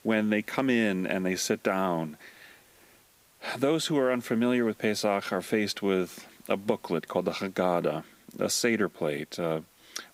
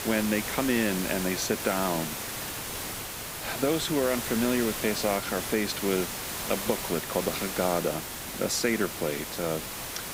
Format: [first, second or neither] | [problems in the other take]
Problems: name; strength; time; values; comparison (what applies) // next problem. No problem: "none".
first | hiss; loud; throughout; 4 dB below the speech; faint in the first